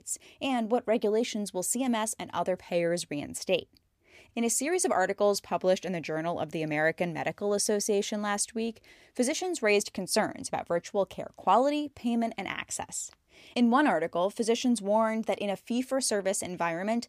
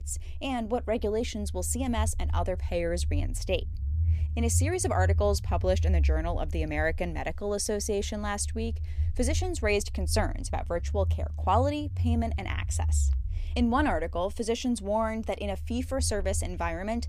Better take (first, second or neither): first